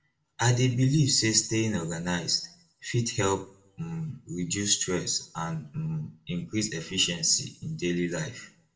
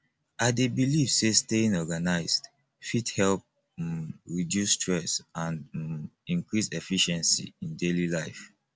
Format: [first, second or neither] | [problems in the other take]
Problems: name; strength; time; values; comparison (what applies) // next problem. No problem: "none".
second | room echo; dies away in 0.3 s